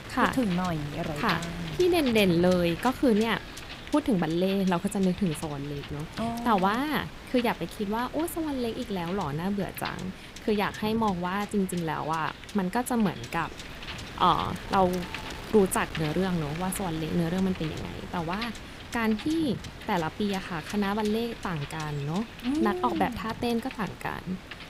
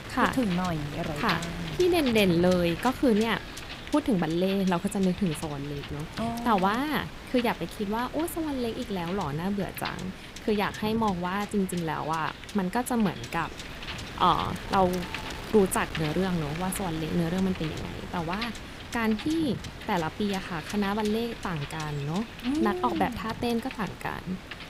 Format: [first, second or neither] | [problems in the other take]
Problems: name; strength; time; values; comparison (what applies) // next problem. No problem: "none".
first | wind noise on the microphone; heavy; 9 dB below the speech; occasional gusts in the first